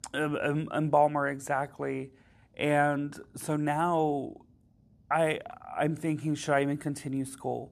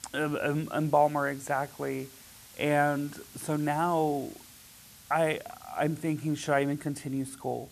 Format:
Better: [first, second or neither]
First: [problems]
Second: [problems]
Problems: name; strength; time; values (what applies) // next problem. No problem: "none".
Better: first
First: none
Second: hiss; faint; throughout; 20 dB below the speech